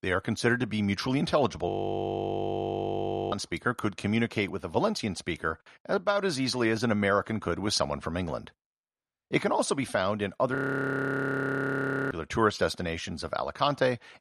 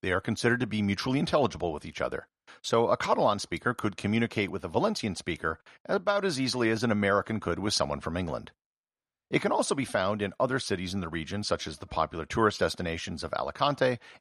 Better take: second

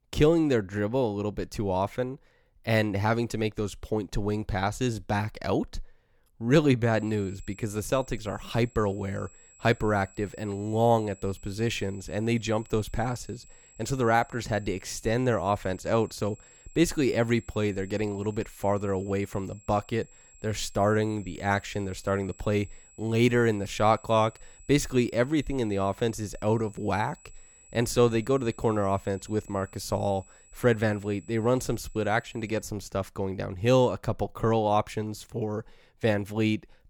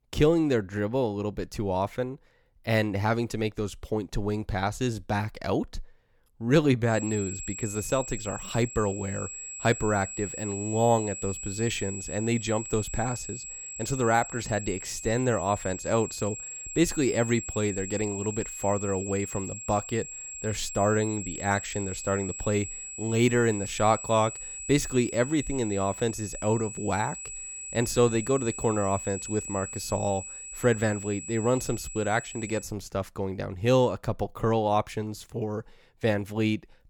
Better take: first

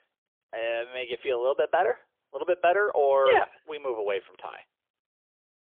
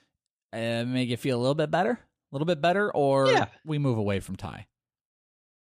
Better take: second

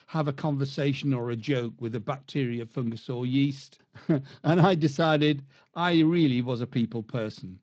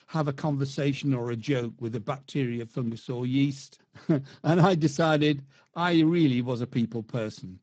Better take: first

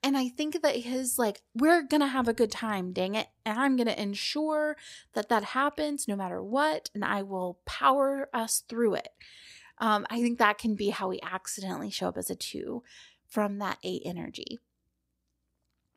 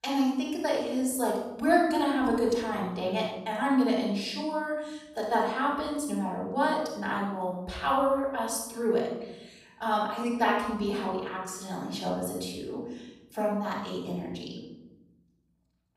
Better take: first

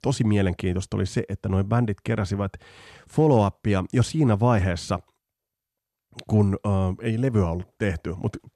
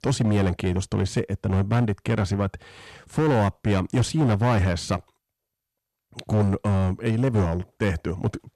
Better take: first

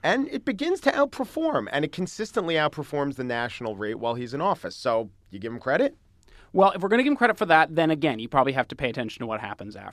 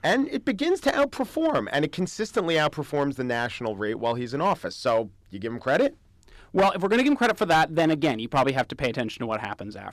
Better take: first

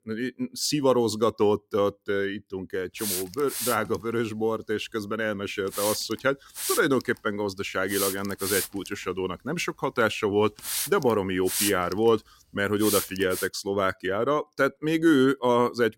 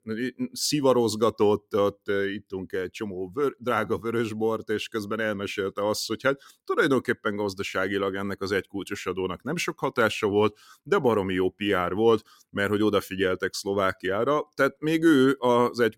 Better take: second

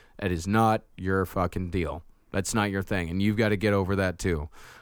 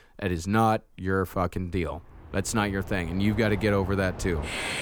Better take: first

